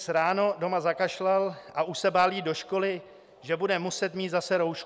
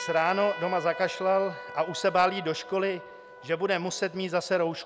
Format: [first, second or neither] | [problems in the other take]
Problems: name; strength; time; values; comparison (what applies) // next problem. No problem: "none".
first | background sound (Trumpet); 14 dB below the speech